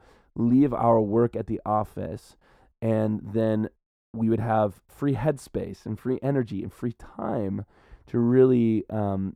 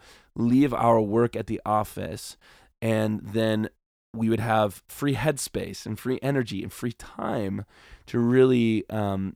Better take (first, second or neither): second